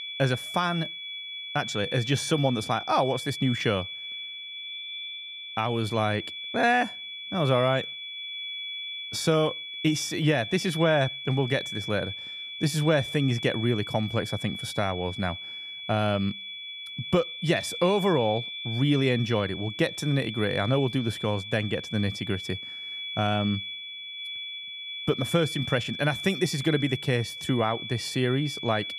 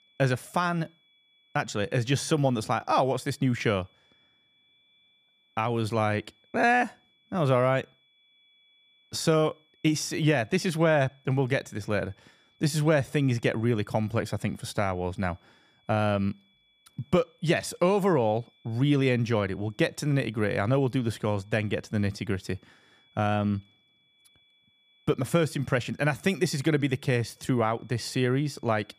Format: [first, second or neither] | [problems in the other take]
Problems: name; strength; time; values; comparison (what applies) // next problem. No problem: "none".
second | high-pitched whine; loud; throughout; 3.5 kHz, 7 dB below the speech; faint in the second